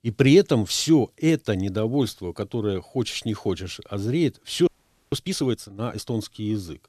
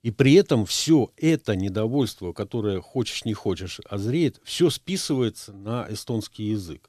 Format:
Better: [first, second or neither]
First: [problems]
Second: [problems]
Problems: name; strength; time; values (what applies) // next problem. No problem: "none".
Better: second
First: audio freezing; at 4.5 s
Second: none